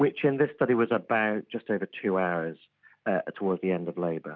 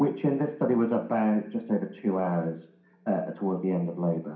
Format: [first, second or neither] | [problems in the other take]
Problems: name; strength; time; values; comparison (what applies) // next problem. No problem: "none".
first | room echo; dies away in 0.5 s